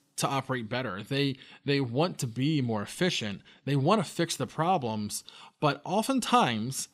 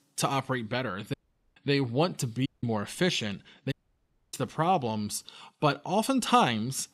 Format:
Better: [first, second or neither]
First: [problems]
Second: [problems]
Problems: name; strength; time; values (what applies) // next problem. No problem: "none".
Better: first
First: none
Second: audio cutting out; at 1 s, at 2.5 s and at 3.5 s for 0.5 s